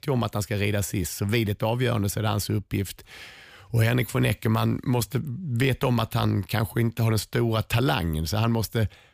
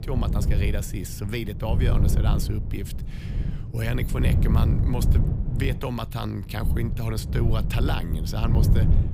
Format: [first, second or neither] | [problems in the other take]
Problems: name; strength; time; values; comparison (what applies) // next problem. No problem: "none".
first | wind noise on the microphone; heavy; 5 dB below the speech